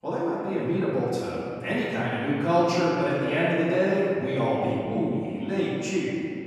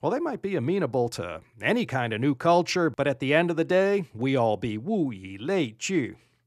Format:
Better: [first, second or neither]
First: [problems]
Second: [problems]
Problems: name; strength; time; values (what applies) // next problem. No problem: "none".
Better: second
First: off-mic speech; far // room echo; strong; dies away in 2.3 s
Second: none